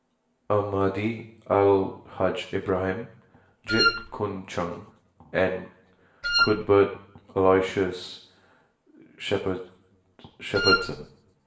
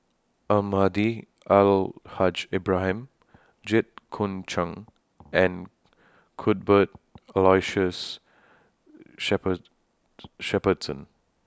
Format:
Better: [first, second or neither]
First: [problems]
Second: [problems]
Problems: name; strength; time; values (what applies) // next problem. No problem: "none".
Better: second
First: background sound (Wind instrument, woodwind instrument); 1 dB above the speech // room echo; dies away in 0.7 s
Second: none